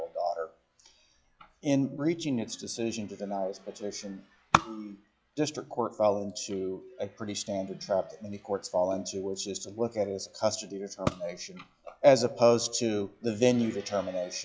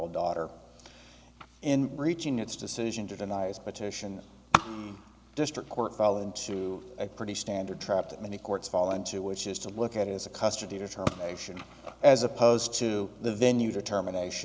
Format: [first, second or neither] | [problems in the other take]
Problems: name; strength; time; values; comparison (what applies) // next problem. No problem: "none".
second | noise reduction (classical method log-MMSE)